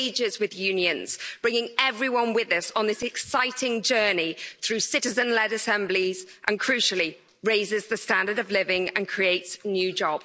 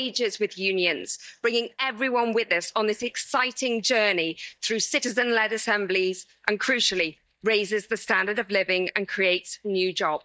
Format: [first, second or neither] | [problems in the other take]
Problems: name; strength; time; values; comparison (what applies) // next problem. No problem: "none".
first | noise reduction (neural mask model DeepFilterNet 3)